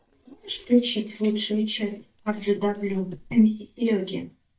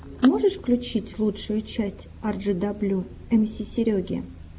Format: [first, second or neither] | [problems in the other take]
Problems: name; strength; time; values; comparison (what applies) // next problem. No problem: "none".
second | noise reduction (neural mask model DeepFilterNet 3)